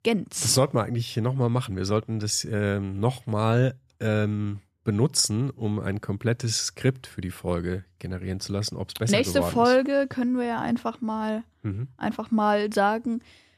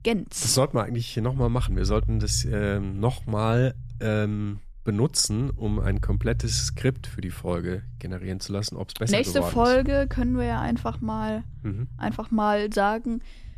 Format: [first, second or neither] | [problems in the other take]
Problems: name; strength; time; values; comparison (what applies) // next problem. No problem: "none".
first | low rumble; faint; throughout; 20 dB below the speech